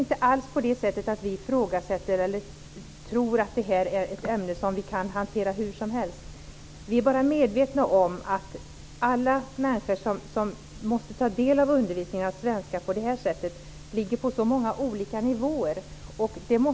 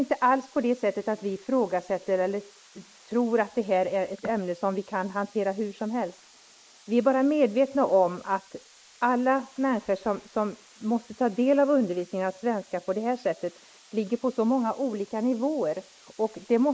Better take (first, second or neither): first